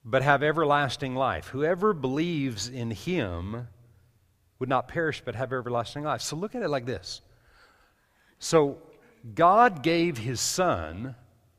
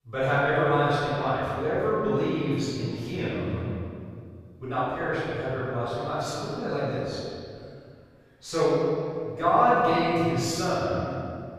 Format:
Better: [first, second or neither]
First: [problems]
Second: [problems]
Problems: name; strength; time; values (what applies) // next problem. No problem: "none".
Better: first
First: none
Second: off-mic speech; far // room echo; strong; dies away in 2.3 s